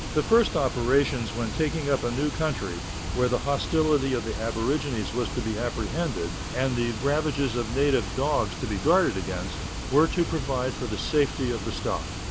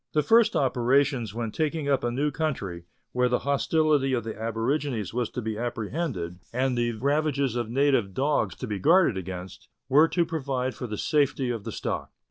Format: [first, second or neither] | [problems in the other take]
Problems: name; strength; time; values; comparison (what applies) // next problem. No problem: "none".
second | background sound (Water); 6 dB below the speech